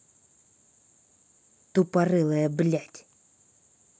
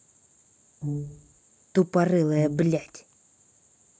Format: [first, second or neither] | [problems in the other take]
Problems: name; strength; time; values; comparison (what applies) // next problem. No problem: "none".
first | background sound (Brass instrument); 6 dB below the speech